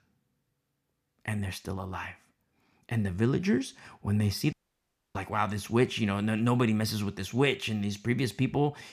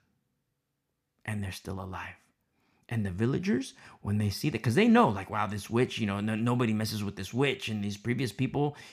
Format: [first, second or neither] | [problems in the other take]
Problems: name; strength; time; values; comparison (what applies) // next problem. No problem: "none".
second | audio cutting out; at 4.5 s for 0.5 s